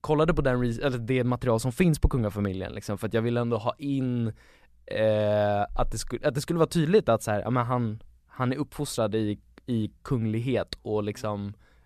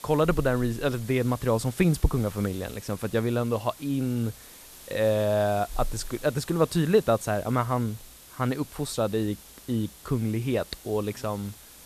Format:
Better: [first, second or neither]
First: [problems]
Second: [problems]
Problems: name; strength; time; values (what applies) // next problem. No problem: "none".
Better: first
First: none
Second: hiss; noticeable; throughout; 20 dB below the speech